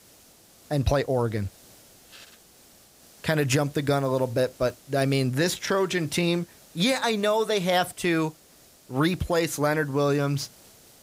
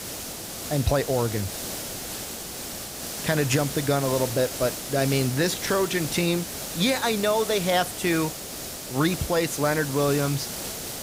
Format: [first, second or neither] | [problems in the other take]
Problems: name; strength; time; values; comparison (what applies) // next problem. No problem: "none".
first | hiss; loud; throughout; 7 dB below the speech; faint in the first